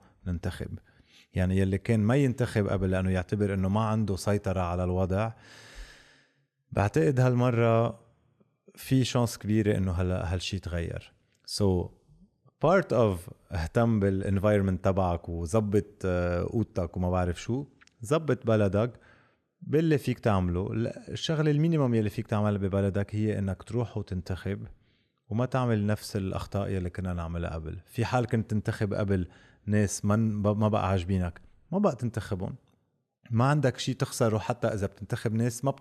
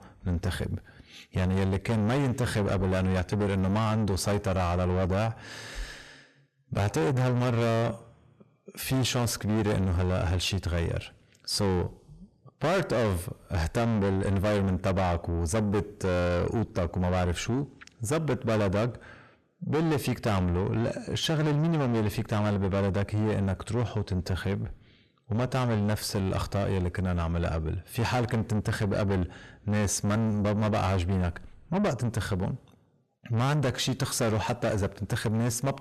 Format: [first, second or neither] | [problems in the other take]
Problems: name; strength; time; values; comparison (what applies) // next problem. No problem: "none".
first | distortion; heavy; 6 dB below the speech